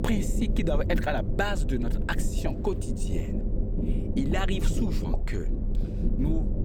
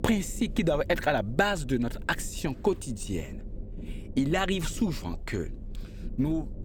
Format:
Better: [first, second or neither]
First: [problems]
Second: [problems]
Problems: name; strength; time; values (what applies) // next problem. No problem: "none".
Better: second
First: low rumble; loud; throughout; 6 dB below the speech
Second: low rumble; faint; throughout; 20 dB below the speech